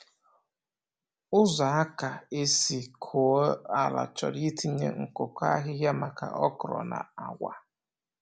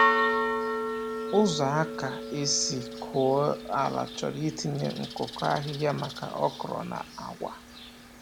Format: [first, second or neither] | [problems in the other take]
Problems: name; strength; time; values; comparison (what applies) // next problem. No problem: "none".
first | background sound (Church bell); 3 dB below the speech